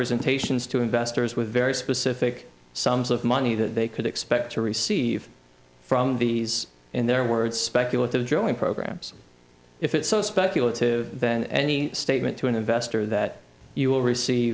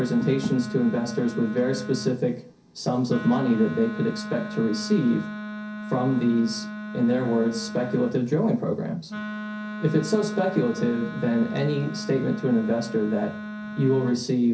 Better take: first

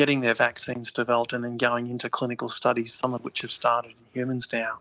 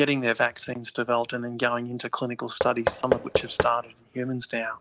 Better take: first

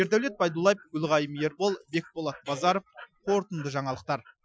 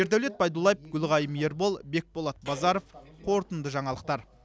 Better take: second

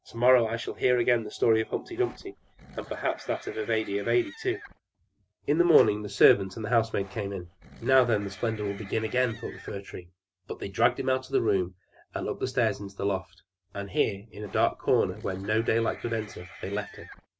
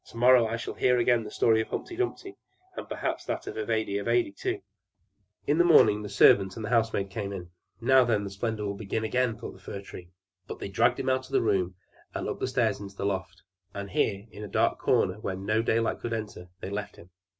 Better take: second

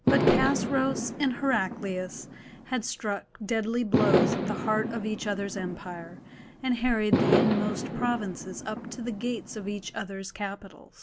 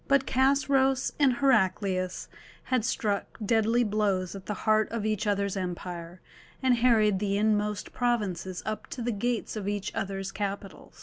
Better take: second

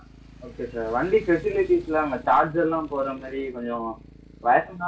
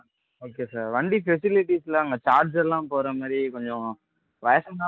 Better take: second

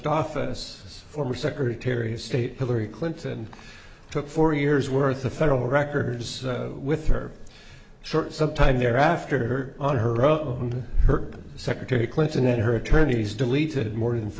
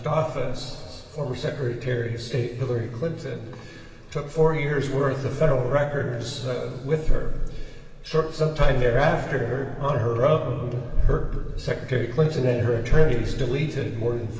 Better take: first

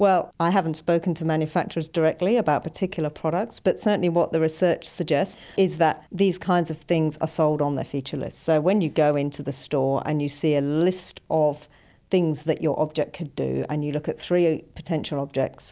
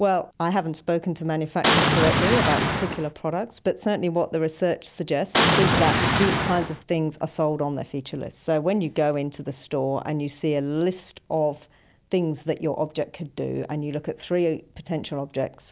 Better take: first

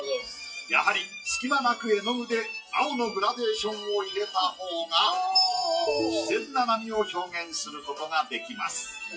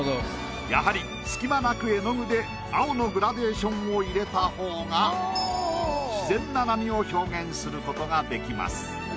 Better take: second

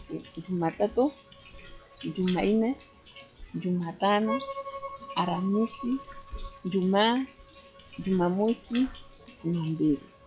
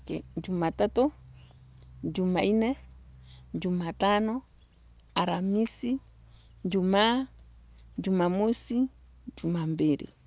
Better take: second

